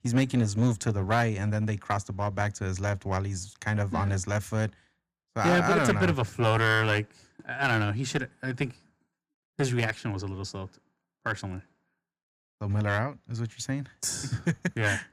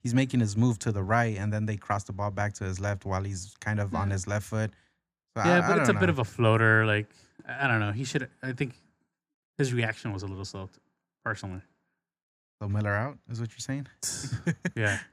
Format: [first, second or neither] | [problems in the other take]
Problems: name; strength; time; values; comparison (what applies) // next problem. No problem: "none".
second | distortion; slight; 4% of the sound clipped